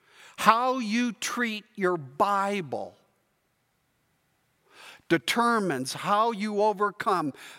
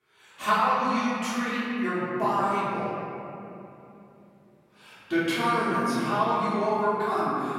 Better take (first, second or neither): first